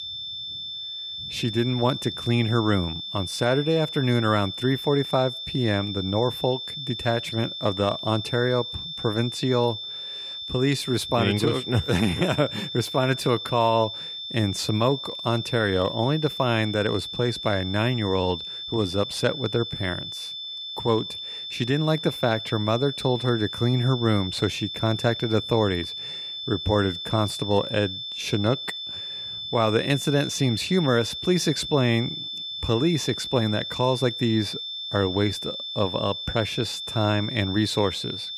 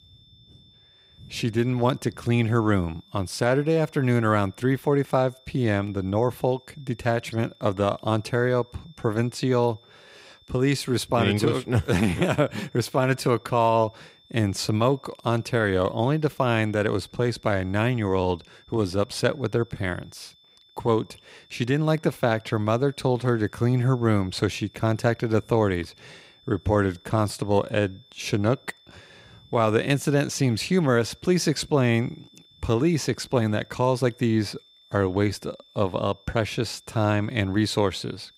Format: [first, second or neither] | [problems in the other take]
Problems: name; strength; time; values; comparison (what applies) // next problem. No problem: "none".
second | high-pitched whine; loud; throughout; 3.5 kHz, 6 dB below the speech; faint in the second